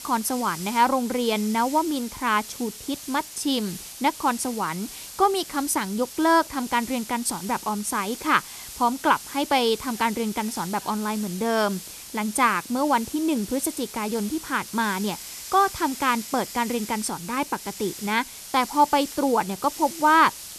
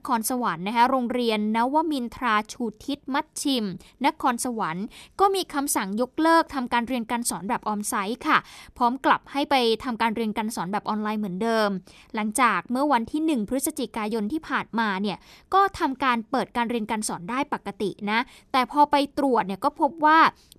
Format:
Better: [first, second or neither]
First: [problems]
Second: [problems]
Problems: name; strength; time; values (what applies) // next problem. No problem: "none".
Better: second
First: hiss; noticeable; throughout; 10 dB below the speech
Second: none